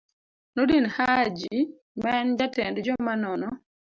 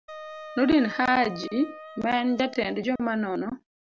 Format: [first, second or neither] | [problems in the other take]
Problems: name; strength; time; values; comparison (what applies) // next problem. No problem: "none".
first | background sound (Wind instrument, woodwind instrument); 17 dB below the speech